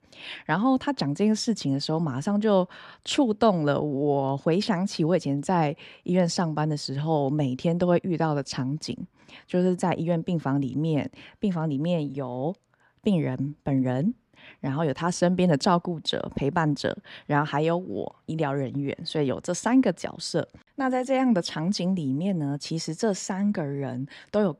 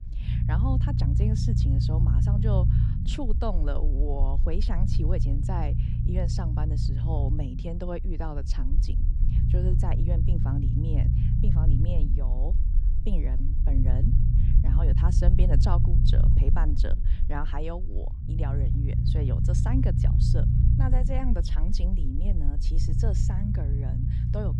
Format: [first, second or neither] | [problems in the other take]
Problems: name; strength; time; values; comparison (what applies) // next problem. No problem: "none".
first | low rumble; loud; throughout; 2 dB below the speech